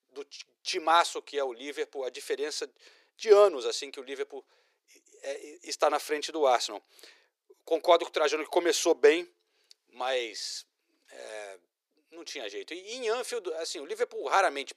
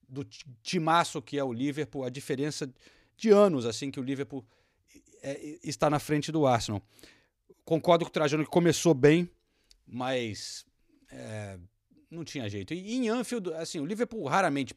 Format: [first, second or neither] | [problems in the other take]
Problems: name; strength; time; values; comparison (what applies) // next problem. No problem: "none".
second | thin; very; fading below 400 Hz